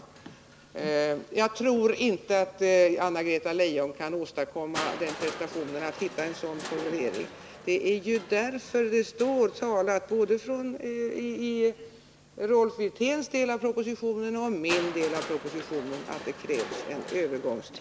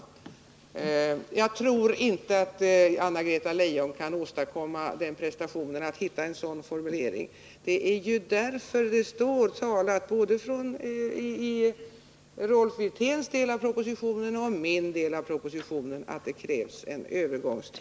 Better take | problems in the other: second | background sound (Crushing); 15 dB below the speech

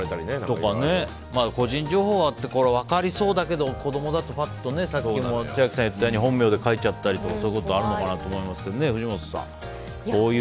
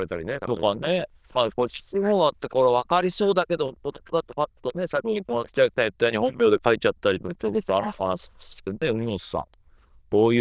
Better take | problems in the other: first | noise reduction (neural diffusion model UNIVERSE++)

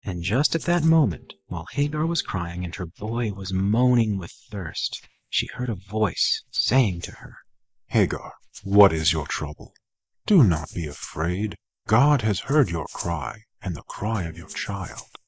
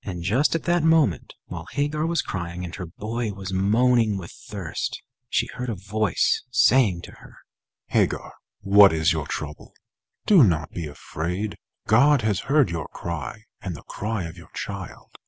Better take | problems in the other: second | noise reduction (neural mask model DeepFilterNet 3)

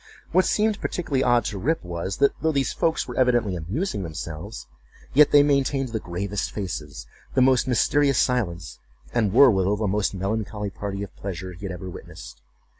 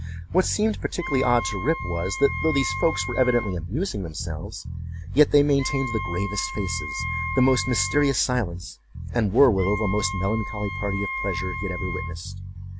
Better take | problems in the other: first | background sound (Bass guitar + Wind instrument, woodwind instrument); 7 dB below the speech

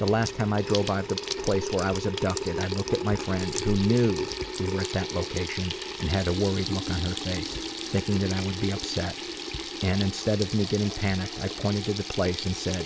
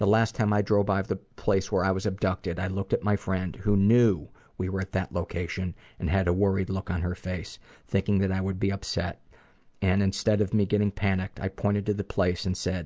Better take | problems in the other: second | background sound (Sink (filling or washing) / Water tap, faucet); 6 dB below the speech

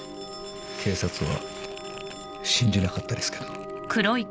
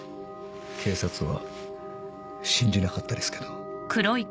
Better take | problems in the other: second | background sound (Telephone + Crumpling, crinkling); 16 dB below the speech

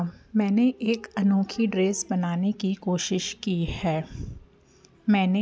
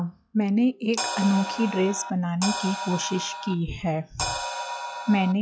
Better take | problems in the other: first | noise reduction (classical method log-MMSE)

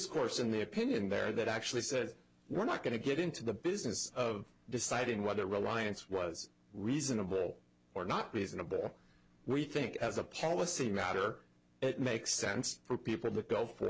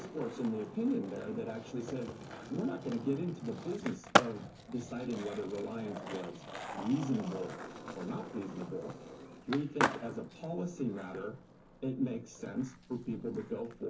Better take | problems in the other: first | background sound (Skateboard); 3 dB below the speech // room echo; dies away in 0.3 s

